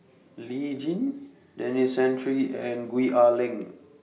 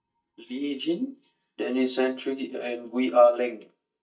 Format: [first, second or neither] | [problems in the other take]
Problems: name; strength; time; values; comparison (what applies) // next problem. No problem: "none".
first | noise reduction (neural mask model DeepFilterNet 3)